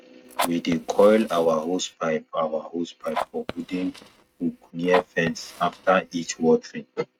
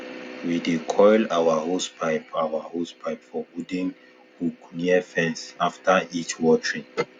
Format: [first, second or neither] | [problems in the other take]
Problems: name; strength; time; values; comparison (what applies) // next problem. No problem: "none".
second | noise reduction (neural mask model RNNoise)